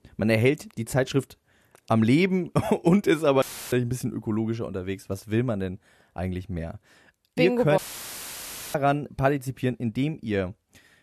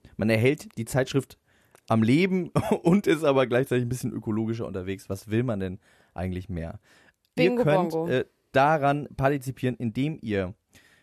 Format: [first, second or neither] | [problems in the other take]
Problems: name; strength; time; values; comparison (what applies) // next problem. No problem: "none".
second | audio cutting out; filled with static; at 3.5 s and at 8 s for 1 s